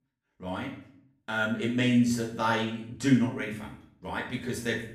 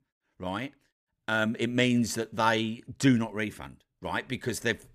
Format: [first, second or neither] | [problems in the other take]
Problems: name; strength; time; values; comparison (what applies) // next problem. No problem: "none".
second | room echo; noticeable; dies away in 0.5 s // off-mic speech; far